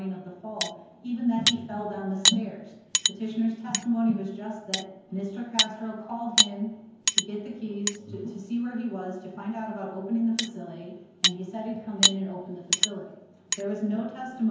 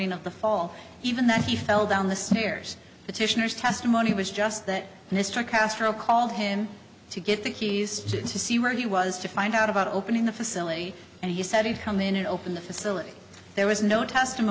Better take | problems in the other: second | background sound (Cutlery, silverware); 2 dB above the speech // room echo; dies away in 0.9 s

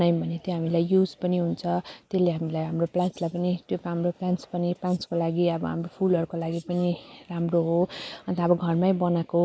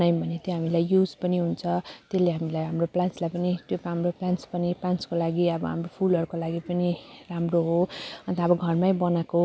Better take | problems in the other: second | noise reduction (neural mask model Resemble Enhance denoiser)

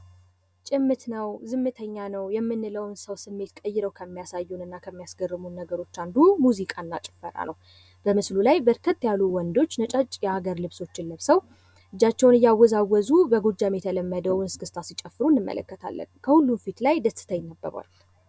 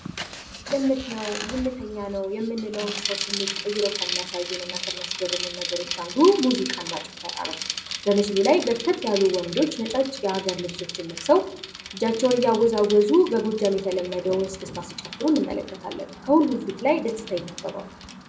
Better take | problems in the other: first | background sound (Bicycle); 10 dB below the speech // room echo; dies away in 0.5 s

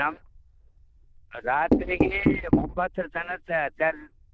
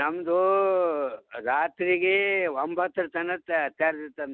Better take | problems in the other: second | noise reduction (neural diffusion model UNIVERSE++)

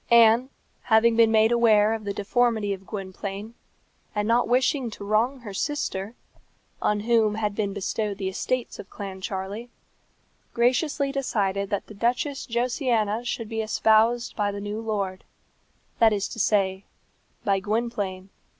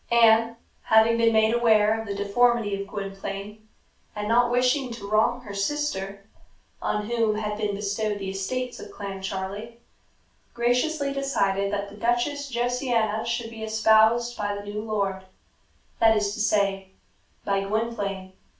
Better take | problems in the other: first | room echo; dies away in 0.3 s

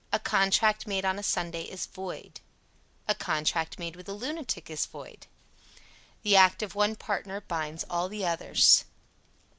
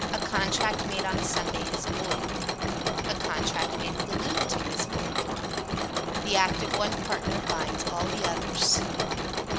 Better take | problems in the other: first | background sound (Mechanisms); 3 dB above the speech

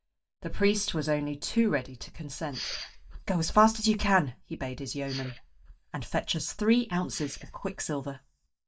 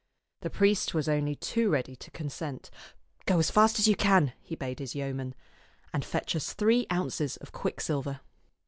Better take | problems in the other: second | noise reduction (neural mask model DeepFilterNet 3)

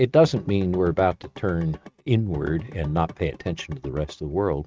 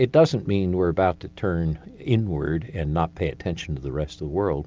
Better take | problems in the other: second | noise reduction (neural mask model RNNoise)

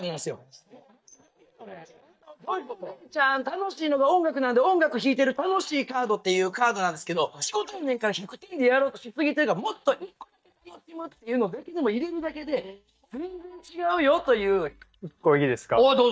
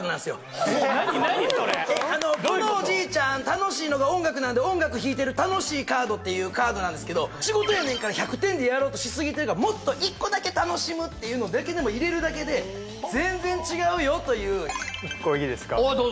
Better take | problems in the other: second | noise reduction (neural mask model DeepFilterNet 3)

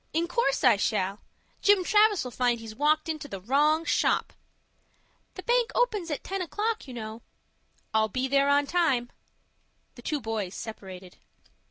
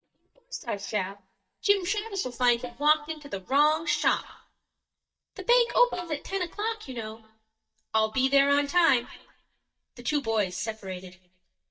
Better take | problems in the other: first | noise reduction (neural mask model DeepFilterNet 3)

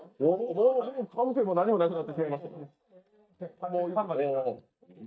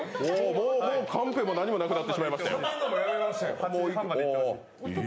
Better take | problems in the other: second | noise reduction (neural mask model DeepFilterNet 3)

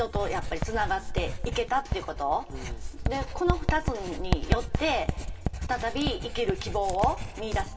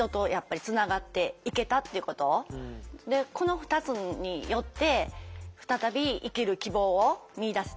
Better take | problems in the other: second | background sound (Writing); 1 dB below the speech // room echo; dies away in 1.4 s

